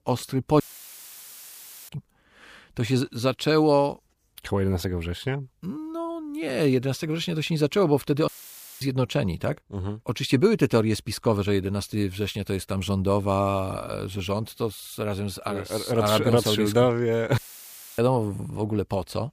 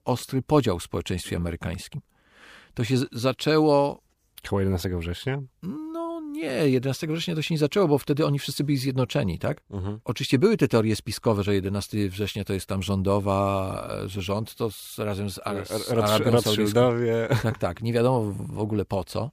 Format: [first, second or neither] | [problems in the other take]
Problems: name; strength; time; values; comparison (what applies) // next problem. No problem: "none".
second | audio cutting out; filled with static; at 0.5 s for 1.5 s, at 8.5 s for 0.5 s and at 17 s for 0.5 s